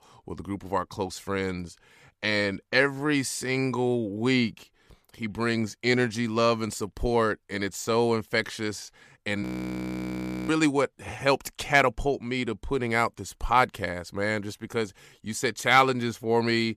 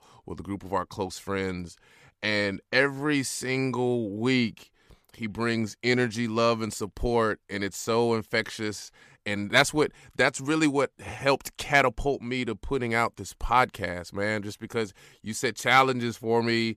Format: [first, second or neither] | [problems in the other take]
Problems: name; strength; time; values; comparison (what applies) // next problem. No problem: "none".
second | audio freezing; at 9.5 s for 1 s